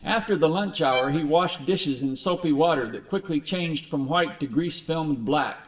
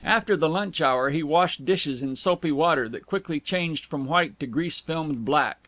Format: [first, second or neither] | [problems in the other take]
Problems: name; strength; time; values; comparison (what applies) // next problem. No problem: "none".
second | background sound (Bowed string instrument); 15 dB below the speech // room echo; dies away in 0.7 s